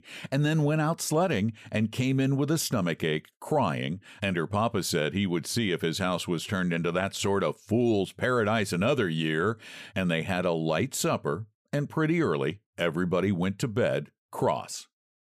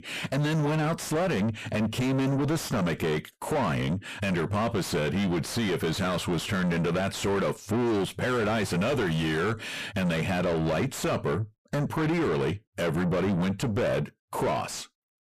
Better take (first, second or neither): first